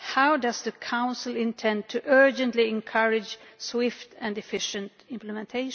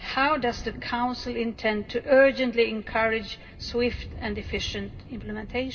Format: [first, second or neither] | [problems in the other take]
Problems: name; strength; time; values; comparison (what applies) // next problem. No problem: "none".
first | background sound (Thunder); 14 dB below the speech // room echo; dies away in 0.2 s